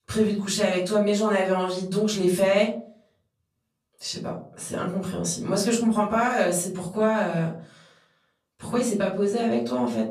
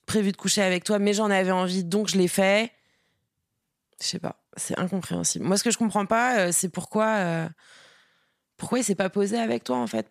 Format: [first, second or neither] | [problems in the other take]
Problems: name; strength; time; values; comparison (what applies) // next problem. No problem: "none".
second | room echo; slight; dies away in 0.4 s // off-mic speech; far